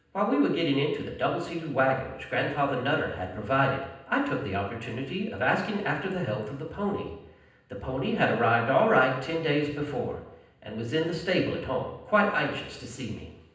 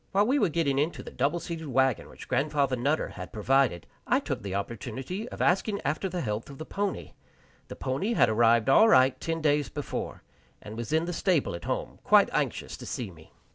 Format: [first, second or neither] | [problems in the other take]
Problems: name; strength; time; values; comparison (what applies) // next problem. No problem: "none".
second | room echo; dies away in 0.9 s